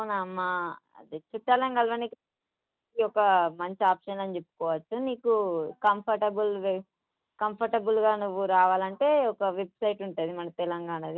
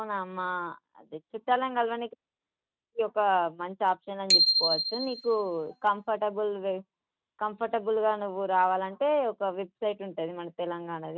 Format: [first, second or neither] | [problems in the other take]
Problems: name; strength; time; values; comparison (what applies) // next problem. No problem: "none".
first | noise reduction (neural mask model RNNoise)